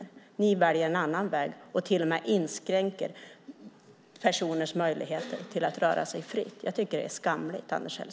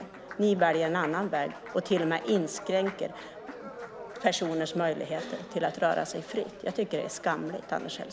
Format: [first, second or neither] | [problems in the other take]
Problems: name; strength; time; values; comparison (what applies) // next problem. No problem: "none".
first | background sound (Applause); 14 dB below the speech